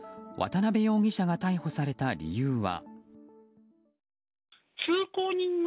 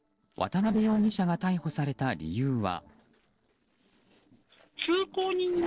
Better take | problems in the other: first | noise reduction (neural separator model SepFormer DNS4)

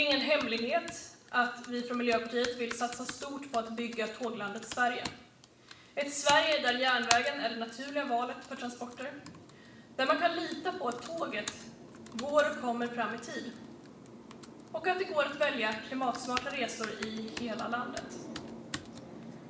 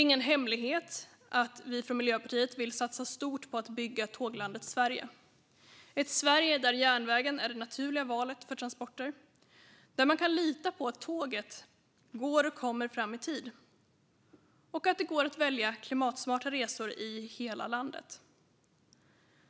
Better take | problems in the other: second | background sound (Computer keyboard); 12 dB below the speech // room echo; dies away in 0.7 s

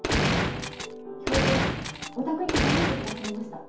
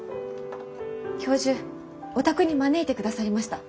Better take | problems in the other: second | background sound (Gunshot, gunfire); 5 dB above the speech // room echo; dies away in 0.6 s

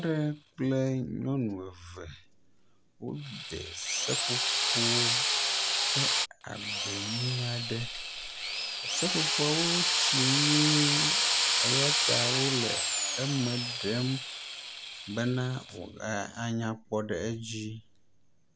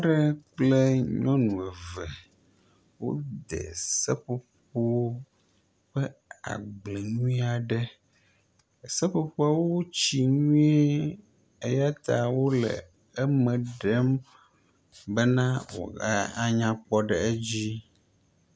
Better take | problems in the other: second | background sound (Drill); 2 dB above the speech

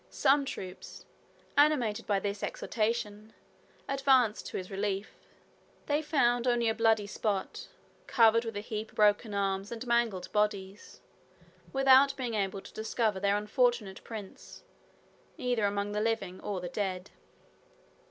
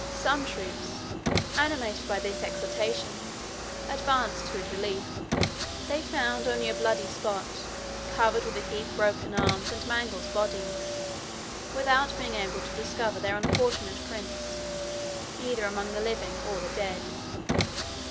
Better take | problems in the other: first | background sound (Car); 1 dB below the speech

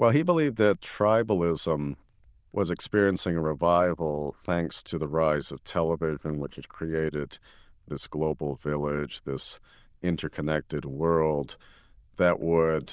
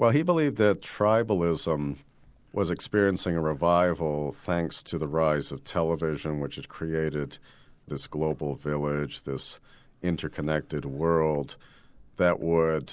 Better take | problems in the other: second | noise reduction (neural diffusion model UNIVERSE++)

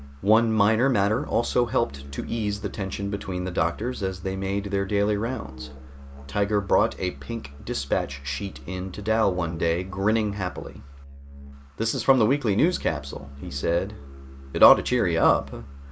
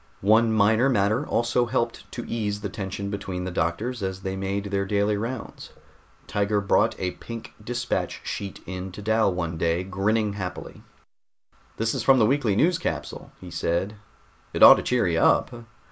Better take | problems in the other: second | background sound (Musical instrument); 15 dB below the speech

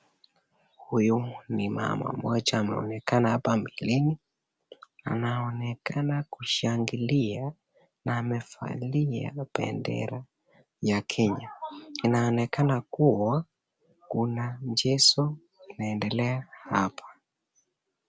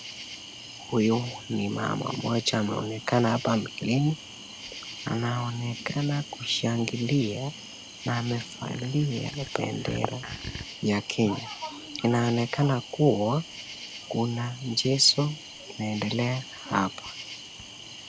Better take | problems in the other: first | background sound (Cricket); 13 dB below the speech

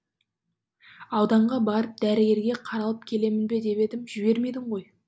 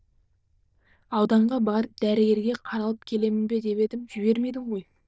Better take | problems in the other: first | noise reduction (neural diffusion model UNIVERSE++)

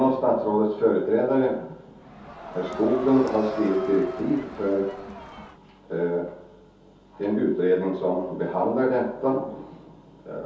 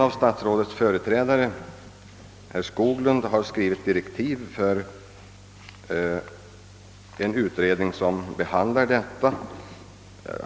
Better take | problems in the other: second | background sound (Crowd); 12 dB below the speech // room echo; dies away in 0.6 s

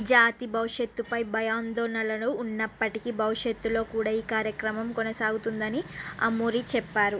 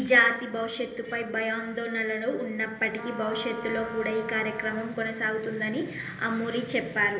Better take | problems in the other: first | background sound (Wind instrument, woodwind instrument); 13 dB below the speech // room echo; dies away in 0.8 s

